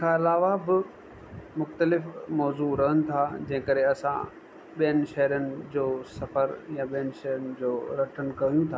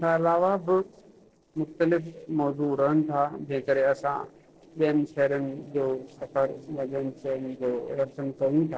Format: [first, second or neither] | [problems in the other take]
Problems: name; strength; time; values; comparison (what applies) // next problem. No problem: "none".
first | noise reduction (neural separator model SepFormer DNS4)